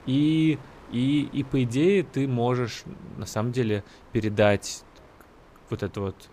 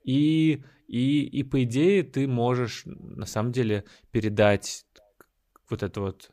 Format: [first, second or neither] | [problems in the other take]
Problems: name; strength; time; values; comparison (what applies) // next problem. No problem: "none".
second | wind noise on the microphone; occasional gusts; 25 dB below the speech